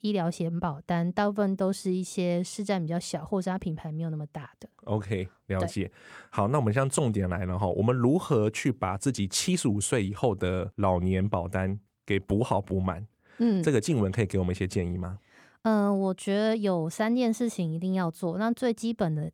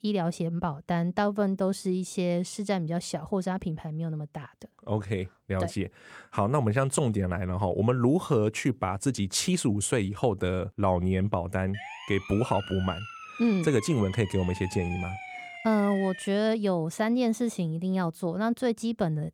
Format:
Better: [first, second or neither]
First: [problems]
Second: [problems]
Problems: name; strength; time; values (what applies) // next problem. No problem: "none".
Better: first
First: none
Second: siren; noticeable; from 12 to 16 s; peak 10 dB below the speech